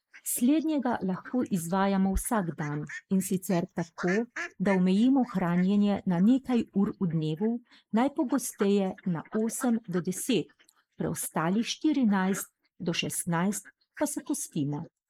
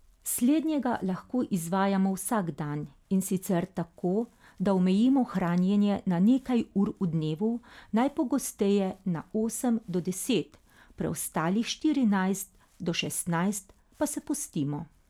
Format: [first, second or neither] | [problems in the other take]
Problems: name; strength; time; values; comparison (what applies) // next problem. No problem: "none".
second | noise reduction (neural mask model Resemble Enhance denoiser)